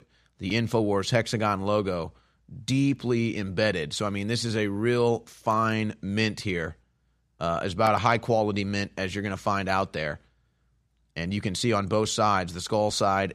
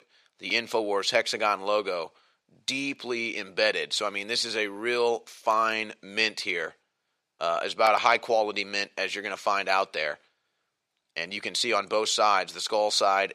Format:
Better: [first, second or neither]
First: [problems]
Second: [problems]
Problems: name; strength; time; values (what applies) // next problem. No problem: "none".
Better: first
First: none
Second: thin; very; fading below 550 Hz